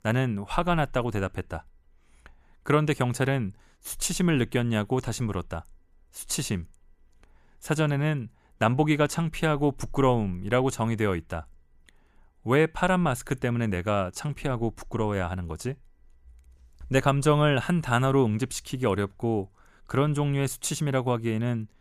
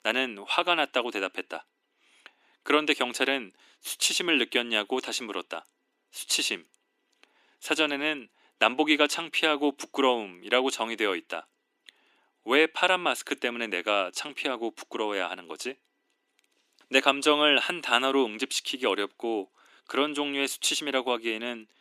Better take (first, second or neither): first